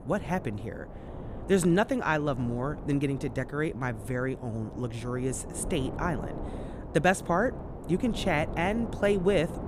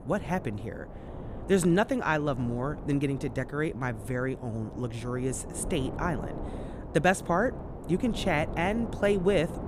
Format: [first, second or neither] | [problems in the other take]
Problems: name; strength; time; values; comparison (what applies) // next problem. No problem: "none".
neither | wind noise on the microphone; occasional gusts; 15 dB below the speech; the same in both